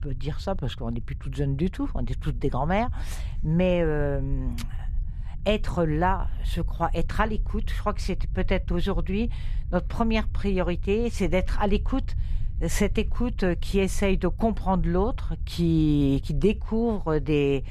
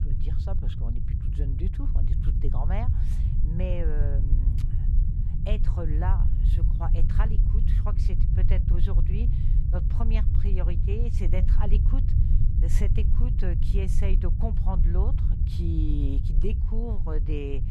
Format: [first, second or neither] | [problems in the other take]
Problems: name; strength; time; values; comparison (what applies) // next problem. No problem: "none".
first | low rumble; loud; throughout; 4 dB below the speech; faint in the first